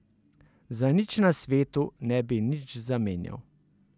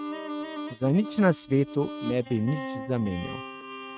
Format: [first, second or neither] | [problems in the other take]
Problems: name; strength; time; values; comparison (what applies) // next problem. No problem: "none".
first | noise reduction (neural mask model RNNoise)